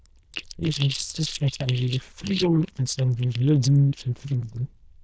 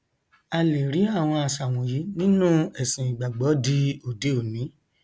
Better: second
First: noise reduction (neural diffusion model UNIVERSE++)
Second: none

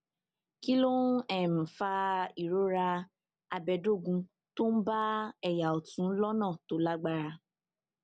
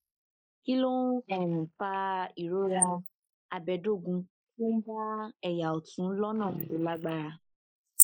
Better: first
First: none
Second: noise reduction (neural mask model Resemble Enhance denoiser)

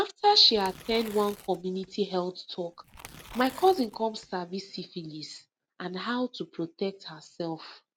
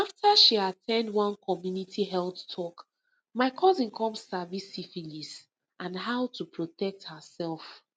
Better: second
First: background sound (Tearing); 19 dB below the speech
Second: none

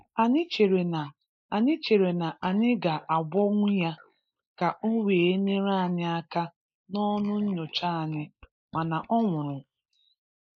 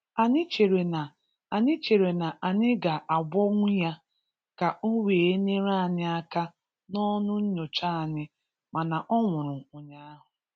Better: second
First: noise reduction (neural mask model Resemble Enhance denoiser)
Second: none

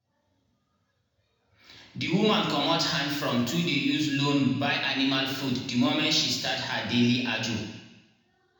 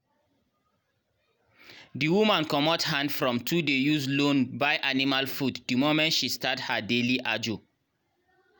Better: second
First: room echo; dies away in 1 s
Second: none

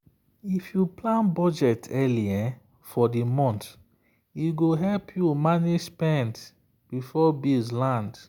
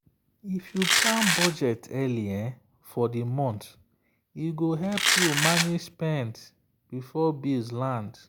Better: first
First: none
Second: background sound (Domestic sounds, home sounds); 3 dB above the speech

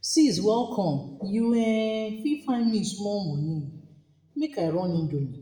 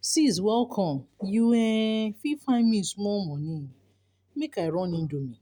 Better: second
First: room echo; dies away in 0.8 s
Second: none

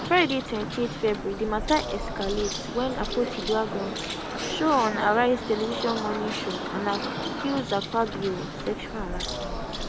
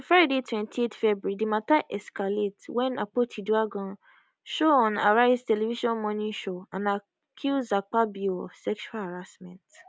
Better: second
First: background sound (Bird); 4 dB below the speech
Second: none

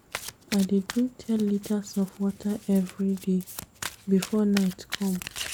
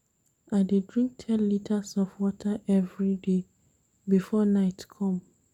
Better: second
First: background sound (Domestic sounds, home sounds); 13 dB below the speech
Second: none

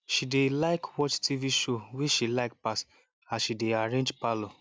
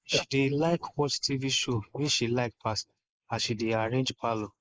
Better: first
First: none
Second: noise reduction (neural mask model Resemble Enhance denoiser)

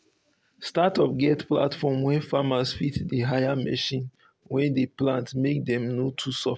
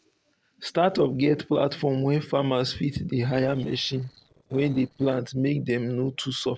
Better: first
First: none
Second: noise reduction (neural separator model SepFormer DNS4)

